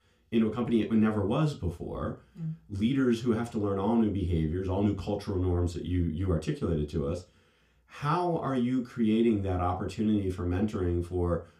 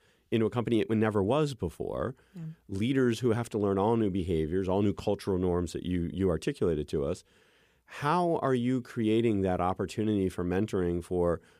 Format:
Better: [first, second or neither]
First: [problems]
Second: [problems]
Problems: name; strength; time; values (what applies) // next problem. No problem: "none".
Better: second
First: room echo; very slight; dies away in 0.3 s // off-mic speech; somewhat distant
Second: none